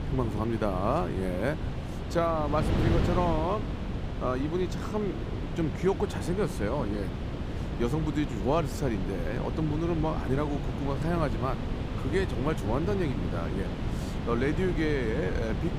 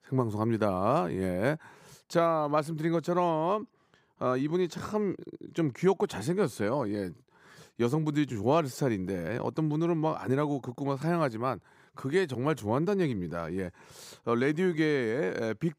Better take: second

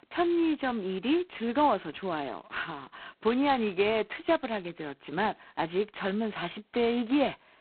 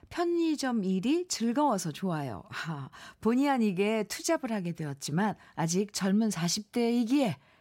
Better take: second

